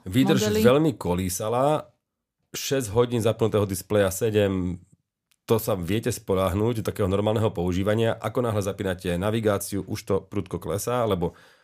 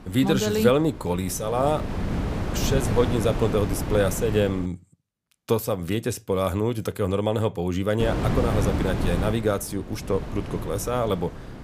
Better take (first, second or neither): first